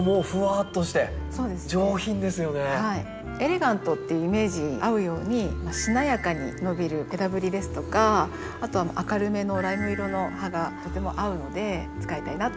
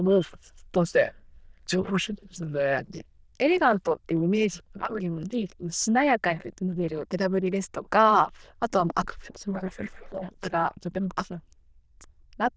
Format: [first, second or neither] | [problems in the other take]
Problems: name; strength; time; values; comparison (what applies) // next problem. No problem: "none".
first | noise reduction (neural diffusion model UNIVERSE++)